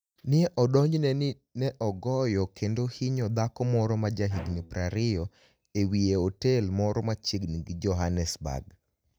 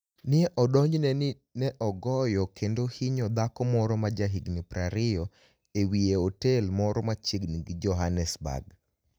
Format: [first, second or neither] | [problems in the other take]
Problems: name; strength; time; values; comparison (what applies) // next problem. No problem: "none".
second | background sound (Bowed string instrument); 19 dB below the speech